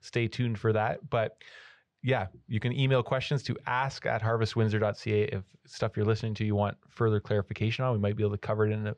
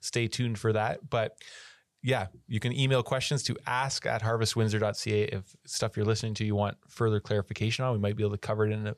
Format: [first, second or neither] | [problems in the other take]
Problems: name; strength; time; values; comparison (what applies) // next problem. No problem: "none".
second | muffled; slightly; fading above 3 kHz